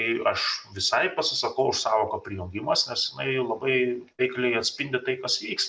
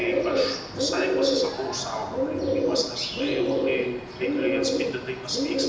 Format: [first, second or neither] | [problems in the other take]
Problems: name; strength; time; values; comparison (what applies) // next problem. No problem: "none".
first | background sound (Bird); 5 dB above the speech // room echo; dies away in 0.9 s